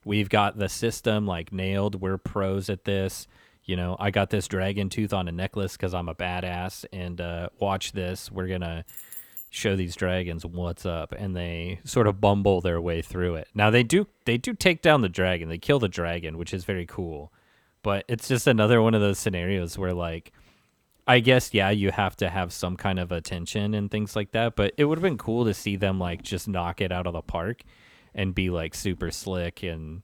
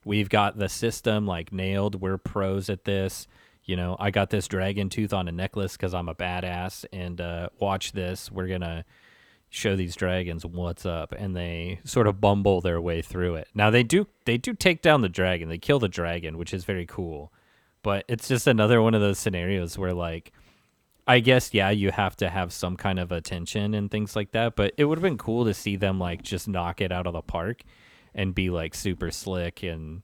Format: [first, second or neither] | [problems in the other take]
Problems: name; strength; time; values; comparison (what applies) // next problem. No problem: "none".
second | jangling keys; faint; at 9 s; peak 10 dB below the speech